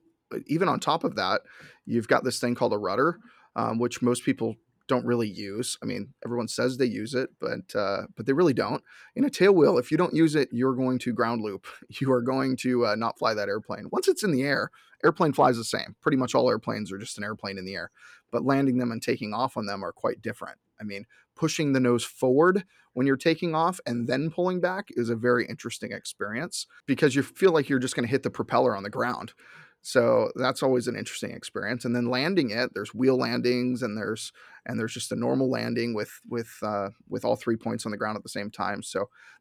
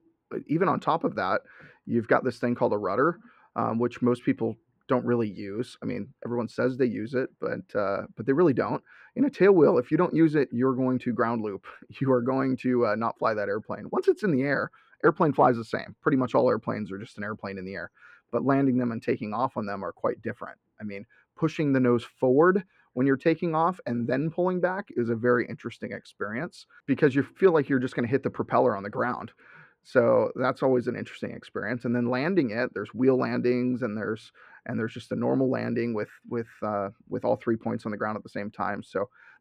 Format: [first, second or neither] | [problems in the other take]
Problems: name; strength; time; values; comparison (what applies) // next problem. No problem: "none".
first | muffled; slightly; fading above 4 kHz